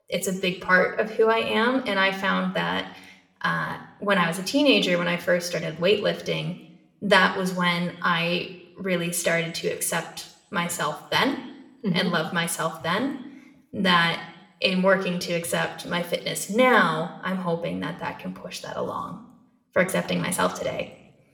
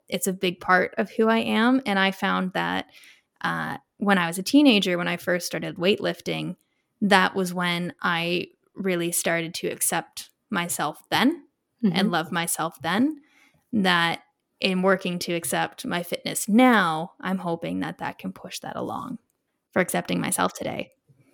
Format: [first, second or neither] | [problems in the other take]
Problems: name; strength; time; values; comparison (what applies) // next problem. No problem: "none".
second | room echo; very slight; dies away in 0.6 s